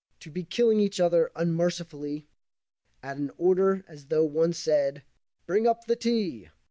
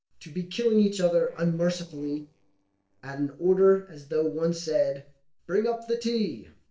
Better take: first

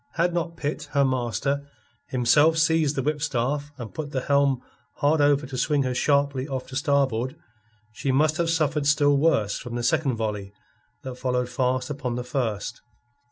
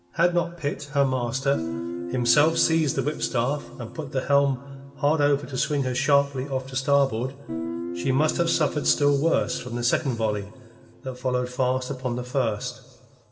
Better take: first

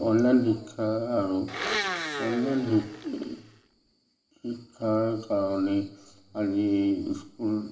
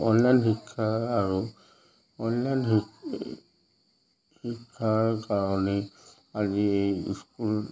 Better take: second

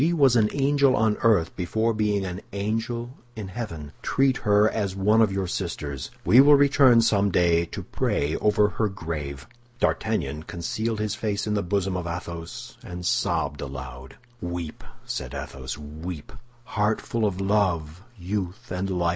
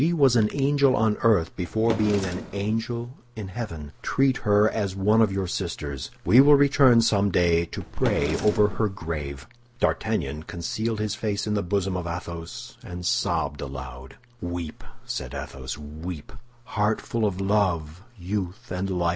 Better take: first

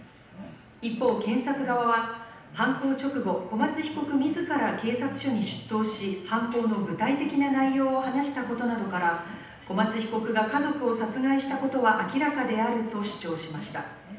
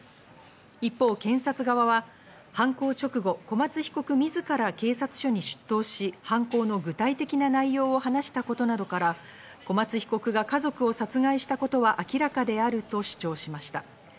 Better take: second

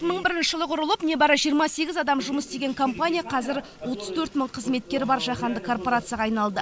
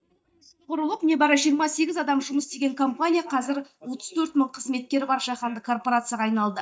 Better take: first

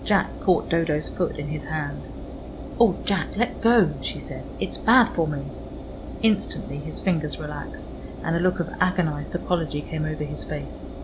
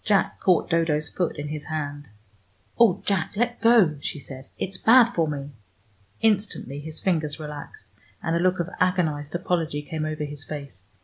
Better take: second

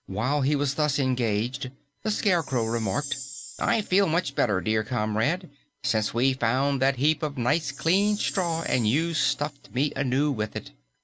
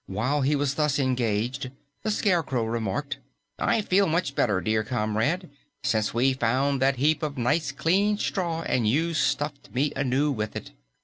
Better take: second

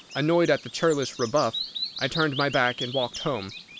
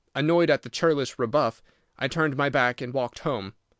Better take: second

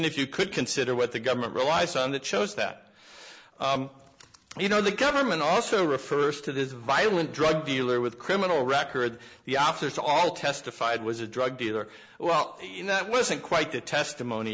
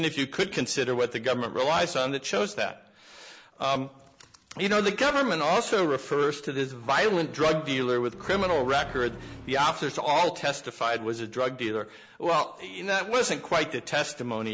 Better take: first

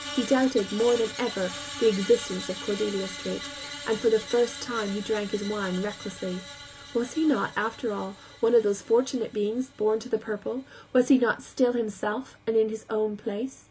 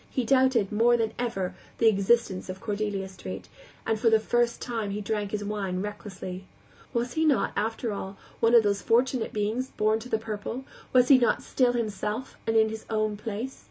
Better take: second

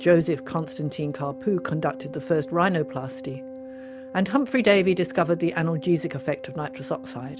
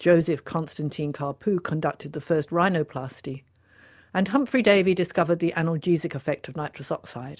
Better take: second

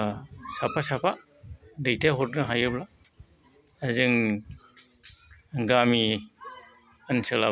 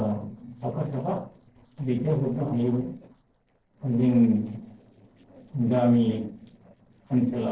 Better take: first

